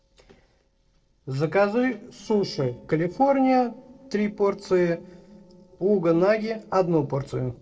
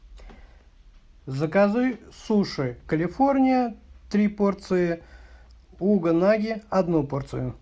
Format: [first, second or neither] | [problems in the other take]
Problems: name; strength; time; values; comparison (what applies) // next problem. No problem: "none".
second | noise reduction (neural separator model SepFormer DNS4)